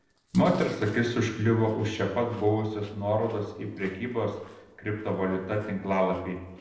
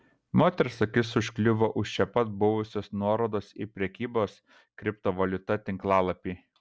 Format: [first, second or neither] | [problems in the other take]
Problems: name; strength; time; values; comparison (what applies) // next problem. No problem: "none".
second | noise reduction (neural separator model SepFormer DNS4)